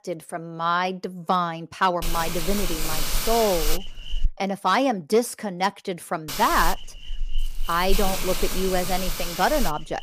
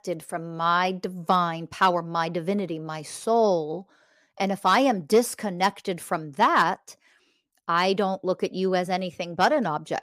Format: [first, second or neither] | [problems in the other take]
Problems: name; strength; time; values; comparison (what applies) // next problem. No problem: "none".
second | hiss; loud; from 2 to 4.5 s and from 6.5 s on; 5 dB below the speech